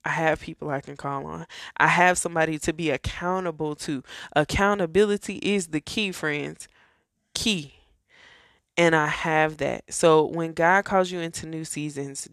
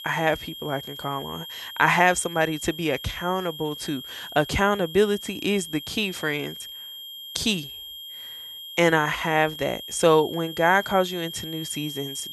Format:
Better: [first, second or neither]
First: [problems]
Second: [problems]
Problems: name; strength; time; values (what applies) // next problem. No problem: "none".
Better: first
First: none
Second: high-pitched whine; noticeable; throughout; 3 kHz, 10 dB below the speech